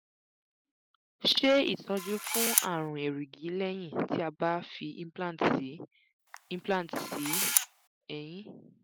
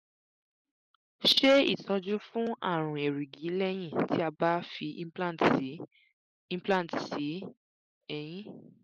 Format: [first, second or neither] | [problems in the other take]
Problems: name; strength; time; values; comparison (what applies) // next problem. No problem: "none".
second | background sound (Camera); 1 dB below the speech